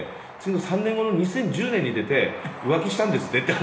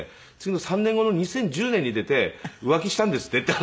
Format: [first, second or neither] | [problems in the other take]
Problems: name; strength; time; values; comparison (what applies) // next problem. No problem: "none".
second | background sound (Train); 16 dB below the speech // room echo; dies away in 1.1 s